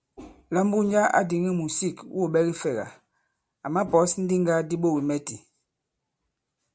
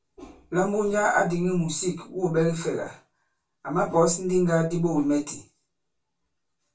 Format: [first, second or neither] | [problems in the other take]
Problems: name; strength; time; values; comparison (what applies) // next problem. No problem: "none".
first | room echo; dies away in 0.1 s